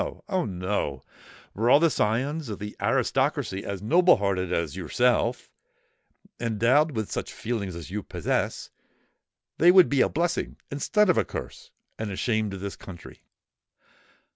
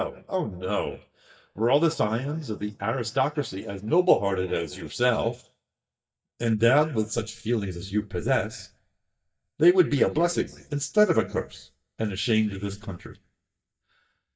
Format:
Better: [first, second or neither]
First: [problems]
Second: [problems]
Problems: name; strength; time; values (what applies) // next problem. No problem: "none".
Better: first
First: none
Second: noise reduction (neural mask model DeepFilterNet 3)